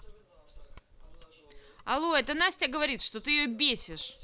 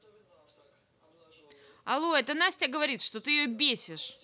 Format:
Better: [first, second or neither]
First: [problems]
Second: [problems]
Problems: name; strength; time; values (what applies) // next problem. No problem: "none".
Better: second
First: background sound (Mechanisms); 18 dB below the speech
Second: none